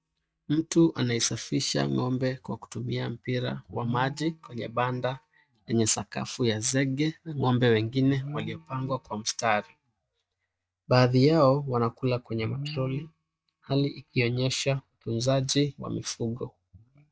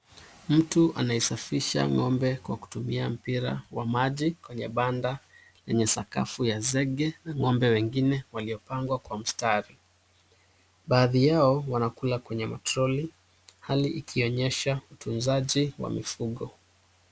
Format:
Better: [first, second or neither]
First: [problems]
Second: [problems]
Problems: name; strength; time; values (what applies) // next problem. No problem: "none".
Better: second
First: noise reduction (neural mask model DeepFilterNet 3)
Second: none